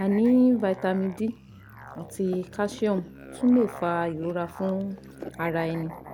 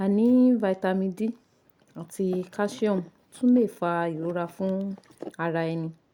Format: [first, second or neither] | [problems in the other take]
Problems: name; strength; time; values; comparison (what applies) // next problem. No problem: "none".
second | background sound (Musical instrument); 17 dB below the speech